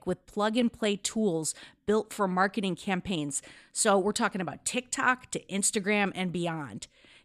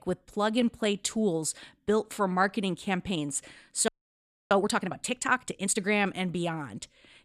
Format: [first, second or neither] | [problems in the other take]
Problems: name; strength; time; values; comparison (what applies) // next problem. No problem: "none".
first | audio freezing; at 4 s for 0.5 s